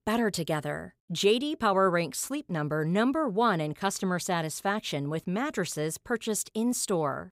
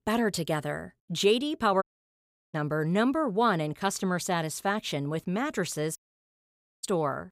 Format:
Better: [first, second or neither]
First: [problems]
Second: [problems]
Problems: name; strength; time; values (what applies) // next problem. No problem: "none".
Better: first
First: none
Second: audio cutting out; at 2 s for 0.5 s and at 6 s for 1 s